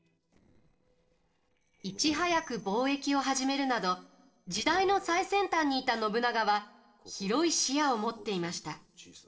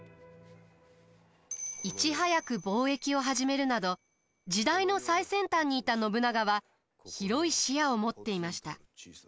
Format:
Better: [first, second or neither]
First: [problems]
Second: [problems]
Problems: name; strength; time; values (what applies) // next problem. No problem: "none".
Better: second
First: noise reduction (neural separator model SepFormer DNS4)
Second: none